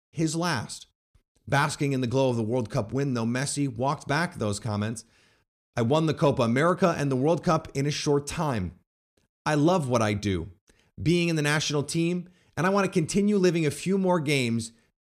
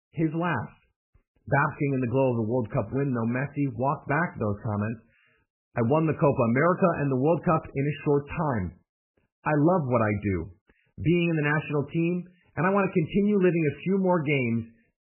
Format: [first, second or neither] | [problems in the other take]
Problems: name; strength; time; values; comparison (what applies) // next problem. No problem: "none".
first | garbled, watery; badly; nothing above 3 kHz